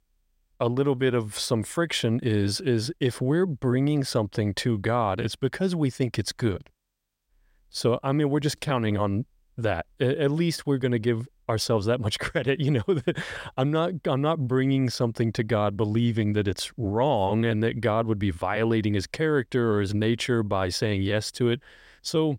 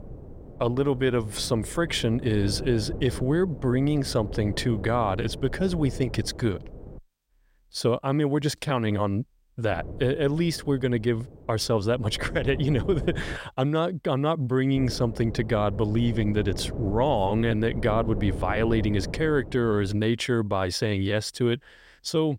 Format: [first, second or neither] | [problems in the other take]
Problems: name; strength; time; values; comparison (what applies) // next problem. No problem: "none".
first | wind noise on the microphone; occasional gusts; until 7 s, from 9.5 to 13 s and from 15 to 20 s; 15 dB below the speech